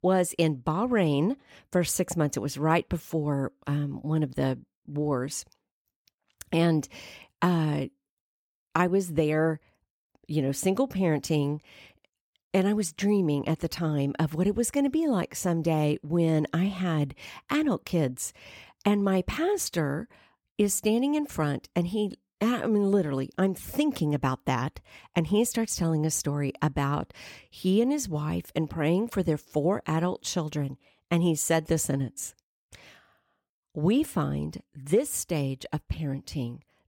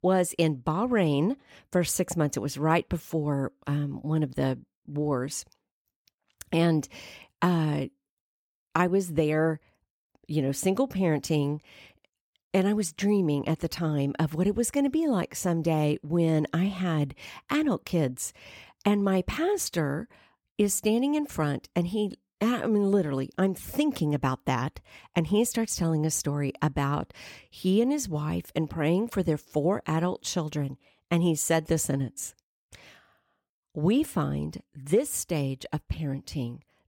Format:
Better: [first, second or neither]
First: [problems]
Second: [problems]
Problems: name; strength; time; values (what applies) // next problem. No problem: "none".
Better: neither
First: none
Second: none